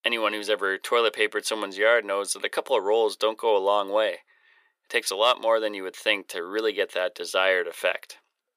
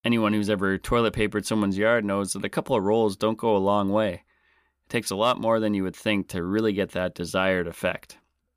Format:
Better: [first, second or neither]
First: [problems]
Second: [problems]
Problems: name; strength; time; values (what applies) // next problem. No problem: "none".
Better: second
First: thin; very; fading below 450 Hz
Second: none